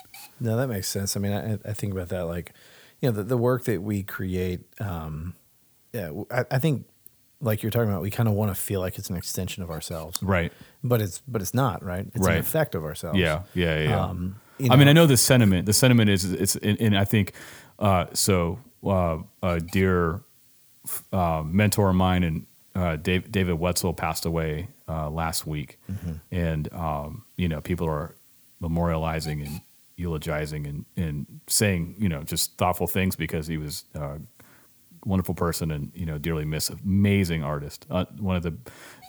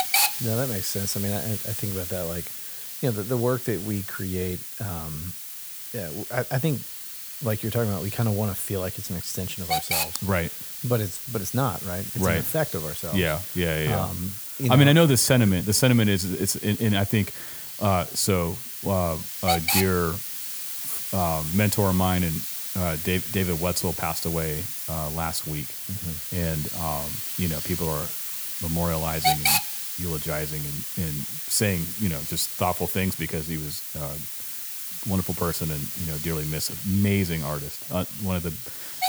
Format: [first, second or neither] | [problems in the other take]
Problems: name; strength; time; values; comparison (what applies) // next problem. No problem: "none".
first | hiss; loud; throughout; 3 dB below the speech; faint in the first